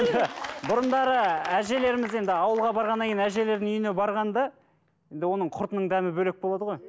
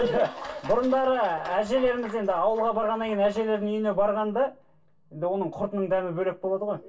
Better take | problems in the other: first | room echo; dies away in 0.1 s

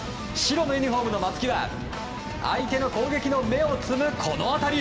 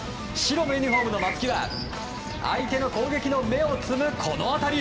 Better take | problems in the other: first | background sound (Bird); 11 dB below the speech

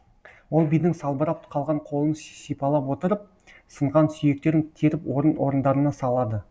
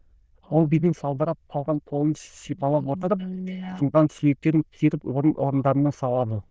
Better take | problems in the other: first | noise reduction (neural diffusion model UNIVERSE++)

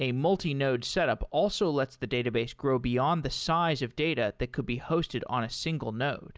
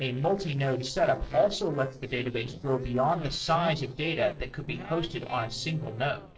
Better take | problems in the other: first | noise reduction (neural separator model SepFormer DNS4)

